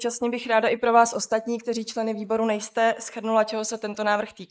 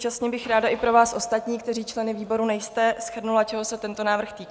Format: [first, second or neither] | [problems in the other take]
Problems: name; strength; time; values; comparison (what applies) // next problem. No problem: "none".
second | noise reduction (neural mask model Resemble Enhance denoiser)